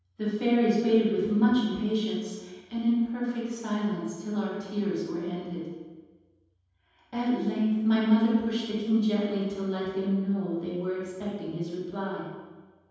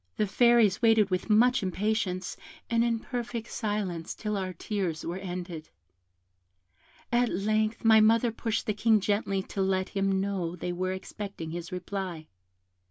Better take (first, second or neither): second